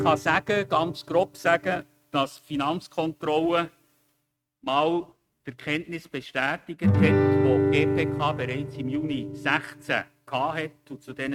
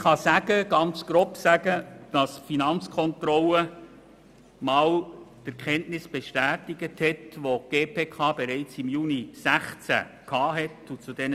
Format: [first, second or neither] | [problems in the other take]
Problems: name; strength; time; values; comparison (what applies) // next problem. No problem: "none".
second | noise reduction (neural mask model RNNoise)